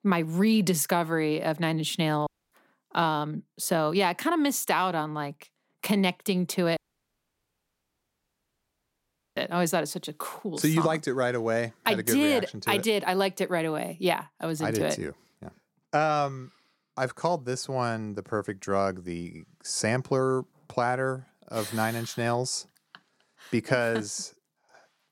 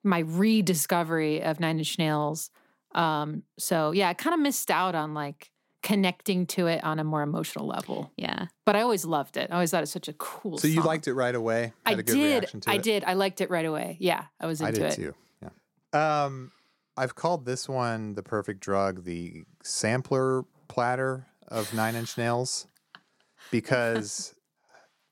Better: second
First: audio cutting out; at 2.5 s and at 7 s for 2.5 s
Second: none

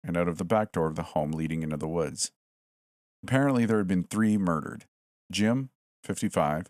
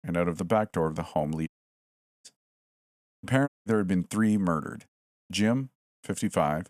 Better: first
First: none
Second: audio cutting out; at 1.5 s for 1 s and at 3.5 s

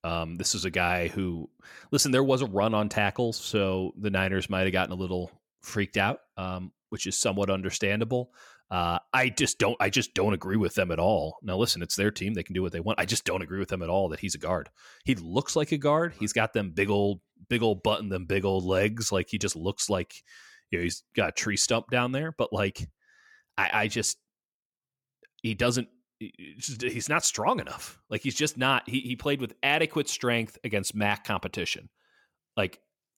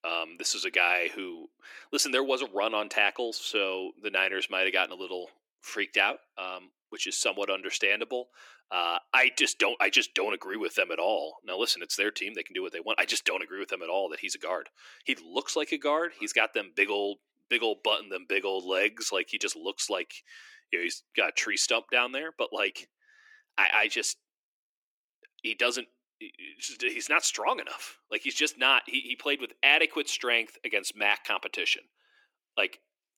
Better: first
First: none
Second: thin; somewhat; fading below 300 Hz

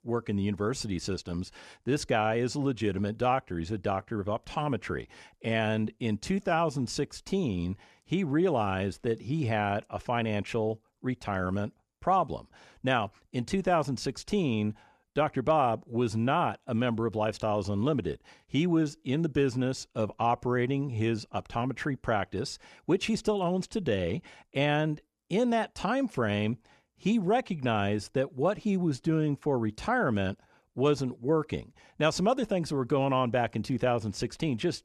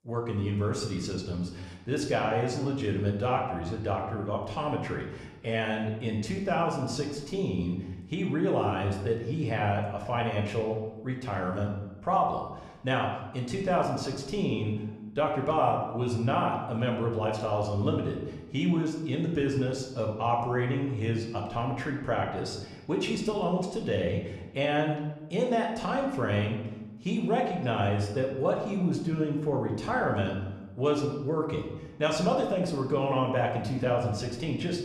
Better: first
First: none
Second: room echo; slight; dies away in 0.9 s // off-mic speech; somewhat distant

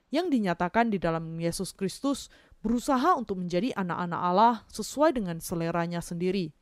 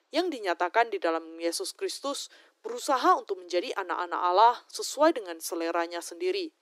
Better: first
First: none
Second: thin; very; fading below 300 Hz

